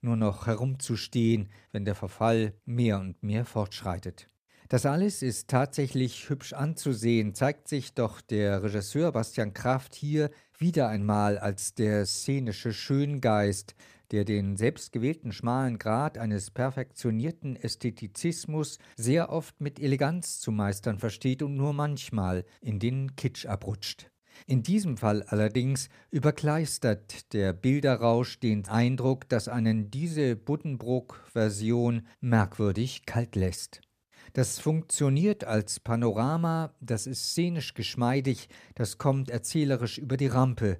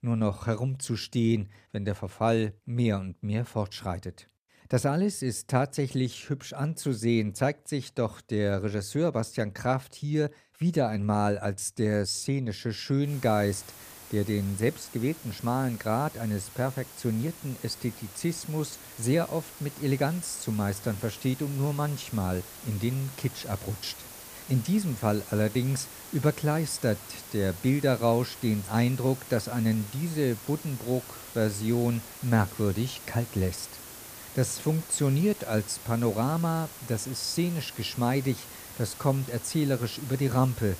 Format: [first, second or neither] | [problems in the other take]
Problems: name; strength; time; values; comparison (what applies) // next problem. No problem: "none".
first | hiss; noticeable; from 13 s on; 15 dB below the speech